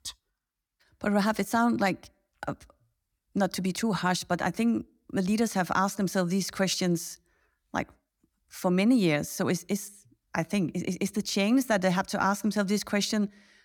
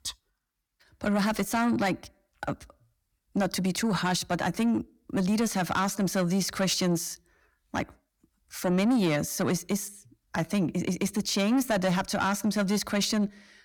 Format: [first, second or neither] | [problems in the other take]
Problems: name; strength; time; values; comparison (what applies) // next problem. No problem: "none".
first | distortion; slight; 10 dB below the speech